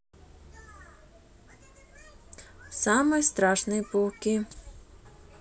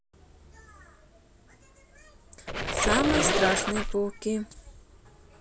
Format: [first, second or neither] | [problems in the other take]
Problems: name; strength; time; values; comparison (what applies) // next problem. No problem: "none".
first | background sound (Squeak); 4 dB above the speech